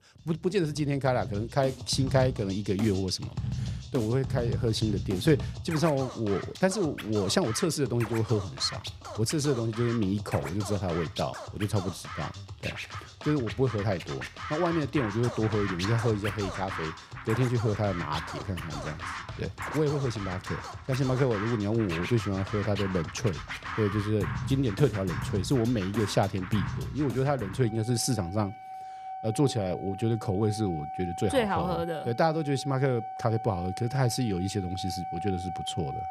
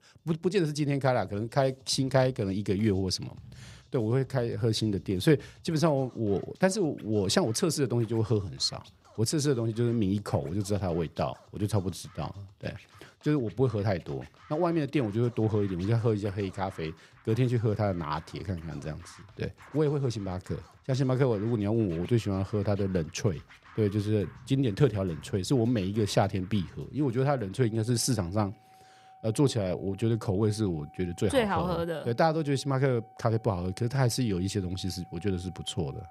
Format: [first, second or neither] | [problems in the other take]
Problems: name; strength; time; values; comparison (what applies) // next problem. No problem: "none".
second | background music; loud; throughout; 8 dB below the speech; faint in the second